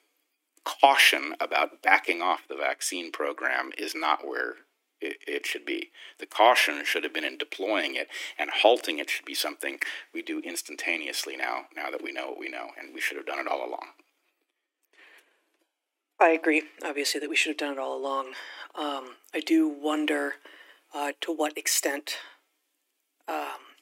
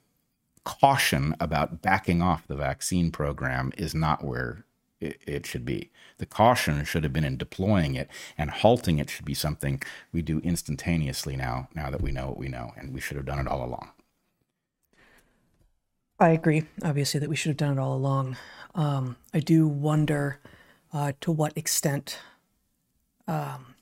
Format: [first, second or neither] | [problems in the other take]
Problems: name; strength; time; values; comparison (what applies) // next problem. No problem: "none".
second | thin; very; fading below 300 Hz